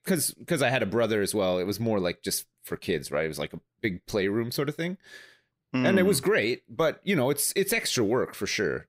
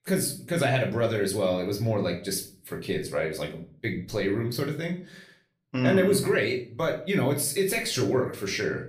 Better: first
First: none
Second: room echo; slight; dies away in 0.4 s // off-mic speech; somewhat distant

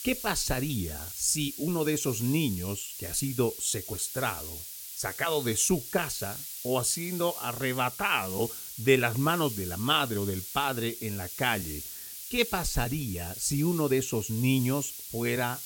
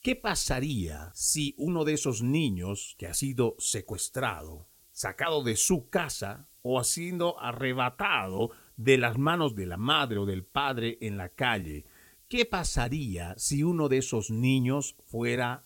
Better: second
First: hiss; loud; throughout; 8 dB below the speech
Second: hiss; faint; throughout; 25 dB below the speech

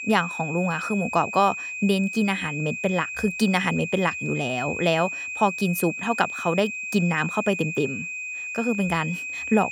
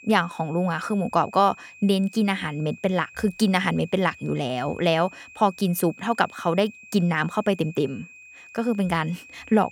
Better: second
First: high-pitched whine; loud; throughout; 2.5 kHz, 5 dB below the speech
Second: high-pitched whine; faint; throughout; 2.5 kHz, 20 dB below the speech

